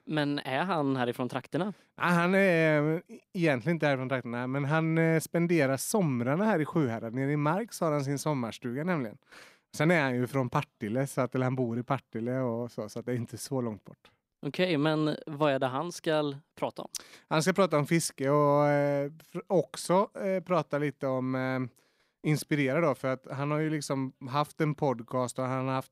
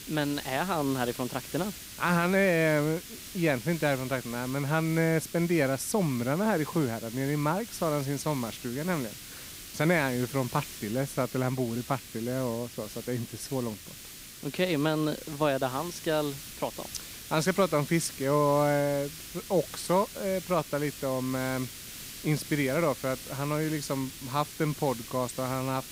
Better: first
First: none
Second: hiss; noticeable; throughout; 10 dB below the speech

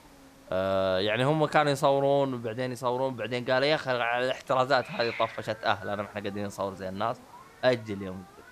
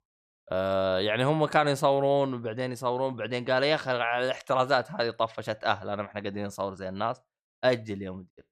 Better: second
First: hiss; noticeable; throughout; 20 dB below the speech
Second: none

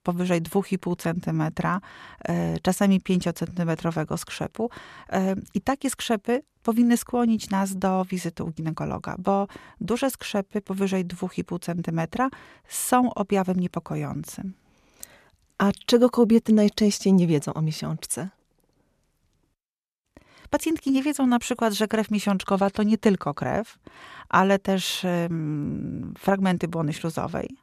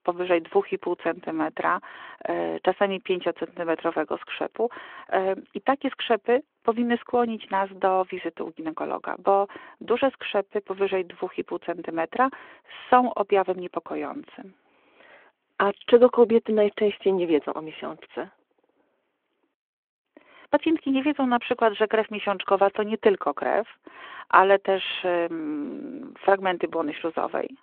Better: first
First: none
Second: phone-call audio

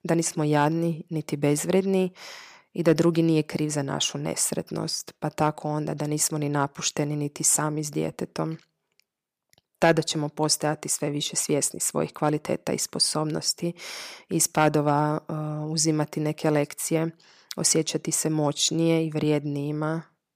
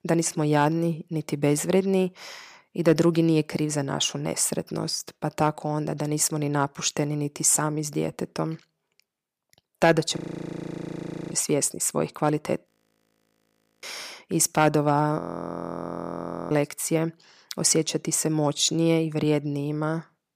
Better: first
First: none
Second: audio freezing; at 10 s for 1 s, at 13 s for 1 s and at 15 s for 1.5 s

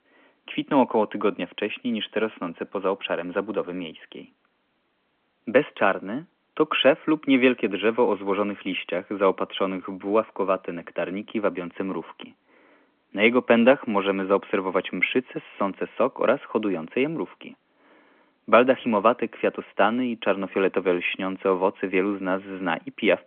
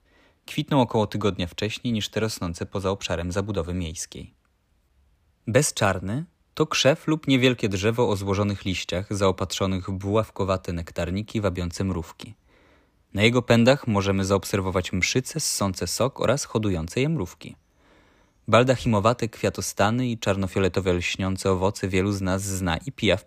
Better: second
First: phone-call audio; nothing above 3.5 kHz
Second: none

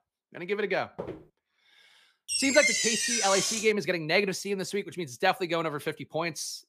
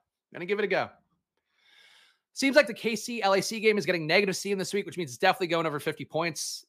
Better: second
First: footsteps; faint; at 1 s; peak 10 dB below the speech // door banging; loud; from 2.5 to 3.5 s; peak 5 dB above the speech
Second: none

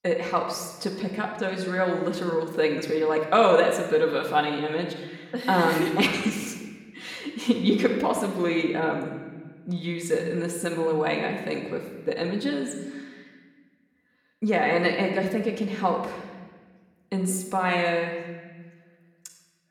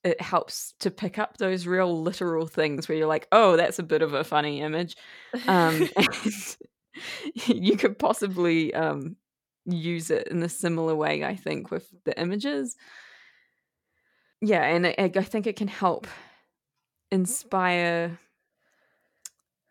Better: second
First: room echo; slight; dies away in 1.1 s // off-mic speech; somewhat distant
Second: none

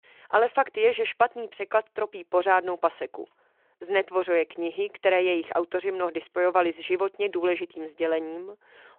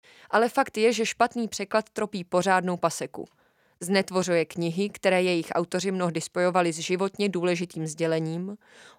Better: second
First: phone-call audio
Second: none

